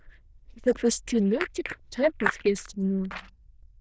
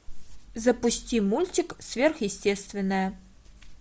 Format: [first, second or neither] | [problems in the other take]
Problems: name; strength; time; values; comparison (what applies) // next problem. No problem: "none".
second | noise reduction (neural diffusion model UNIVERSE++)